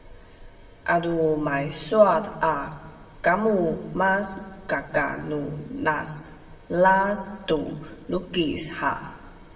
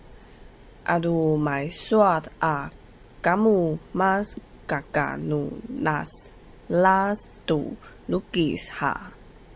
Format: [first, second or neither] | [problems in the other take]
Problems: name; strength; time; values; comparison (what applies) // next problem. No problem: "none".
second | room echo; dies away in 1.2 s